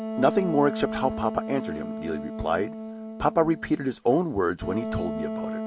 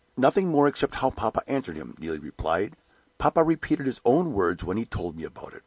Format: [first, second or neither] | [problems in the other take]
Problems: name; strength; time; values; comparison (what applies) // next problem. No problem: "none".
second | background sound (Wind instrument, woodwind instrument); 7 dB below the speech